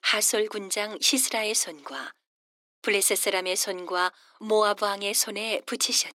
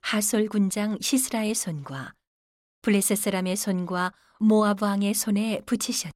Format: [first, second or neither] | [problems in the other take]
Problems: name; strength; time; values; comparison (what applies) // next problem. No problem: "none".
second | thin; very; fading below 300 Hz